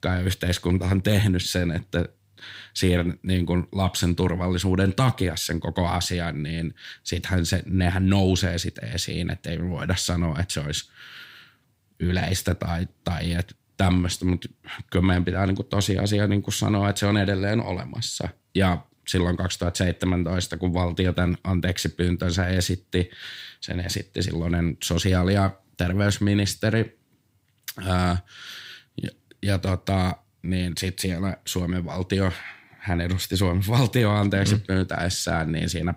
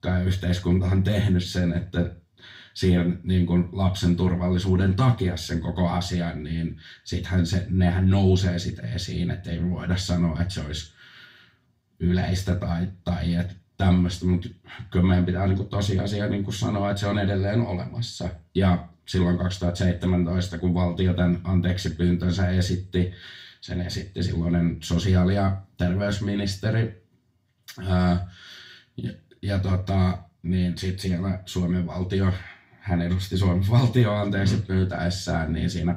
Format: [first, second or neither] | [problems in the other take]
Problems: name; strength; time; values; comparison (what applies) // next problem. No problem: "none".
first | room echo; very slight; dies away in 0.3 s // off-mic speech; far